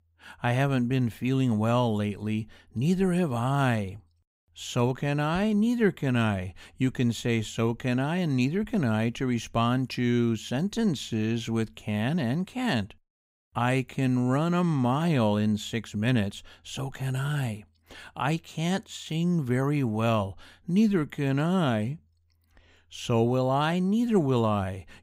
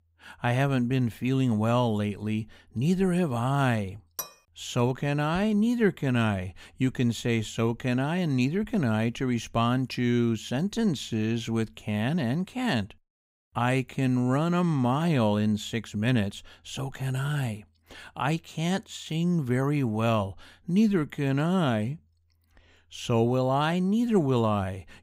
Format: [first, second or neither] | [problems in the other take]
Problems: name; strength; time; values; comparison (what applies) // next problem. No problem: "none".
first | clattering dishes; faint; at 4 s; peak 10 dB below the speech